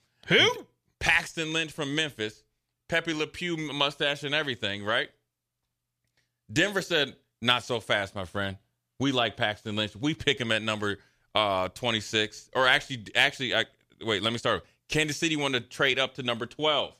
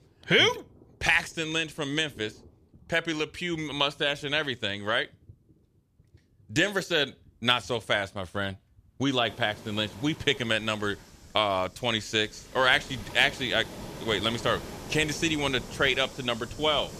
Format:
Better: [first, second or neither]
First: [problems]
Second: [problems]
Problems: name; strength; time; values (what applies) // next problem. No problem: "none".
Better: first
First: none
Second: rain or running water; noticeable; throughout; 15 dB below the speech